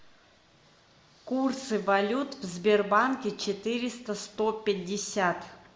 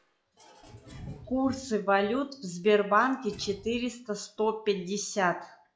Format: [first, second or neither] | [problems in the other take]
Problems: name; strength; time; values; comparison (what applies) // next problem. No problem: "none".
first | noise reduction (classical method log-MMSE)